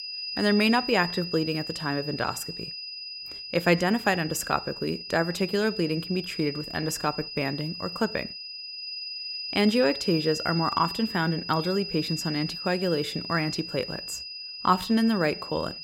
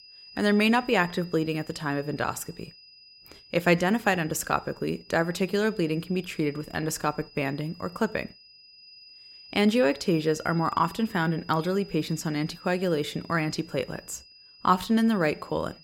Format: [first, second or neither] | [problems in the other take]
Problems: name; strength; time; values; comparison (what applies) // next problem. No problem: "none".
second | high-pitched whine; loud; throughout; 5 kHz, 7 dB below the speech; faint in the second